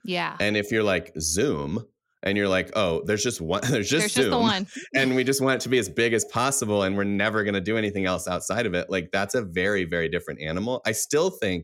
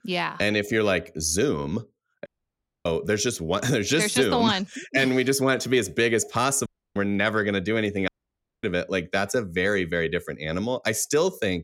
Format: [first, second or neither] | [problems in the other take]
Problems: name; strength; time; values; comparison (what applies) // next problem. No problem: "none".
first | audio cutting out; at 2.5 s for 0.5 s, at 6.5 s and at 8 s for 0.5 s